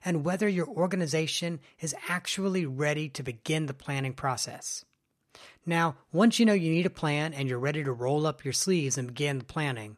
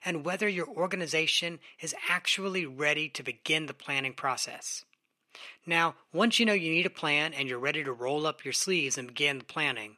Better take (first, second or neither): first